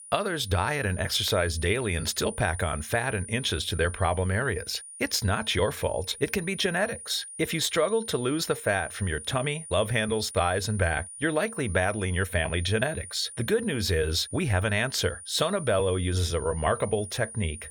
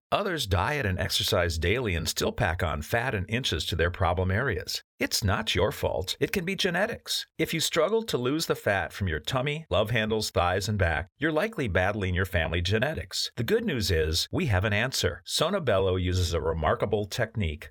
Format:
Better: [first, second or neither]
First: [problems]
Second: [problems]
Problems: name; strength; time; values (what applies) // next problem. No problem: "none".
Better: second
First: high-pitched whine; noticeable; throughout; 9.5 kHz, 10 dB below the speech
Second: none